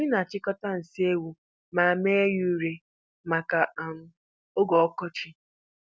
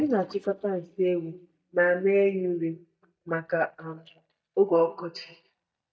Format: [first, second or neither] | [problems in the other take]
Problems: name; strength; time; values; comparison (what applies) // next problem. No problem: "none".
first | noise reduction (neural mask model DeepFilterNet 3)